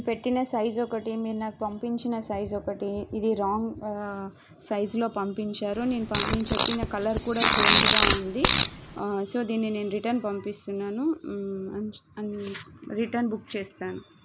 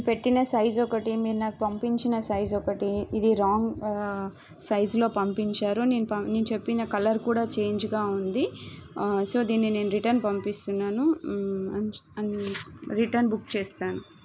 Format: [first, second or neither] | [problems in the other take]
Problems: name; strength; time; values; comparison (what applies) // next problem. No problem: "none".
second | background sound (Fart); 4 dB above the speech